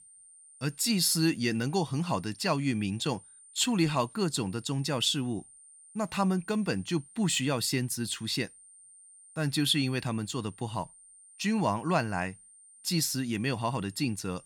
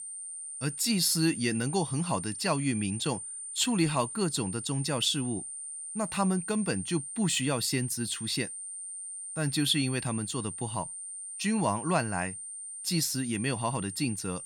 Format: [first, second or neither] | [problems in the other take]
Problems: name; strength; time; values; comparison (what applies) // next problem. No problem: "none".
first | high-pitched whine; loud; throughout; 9 kHz, 7 dB below the speech; faint in the first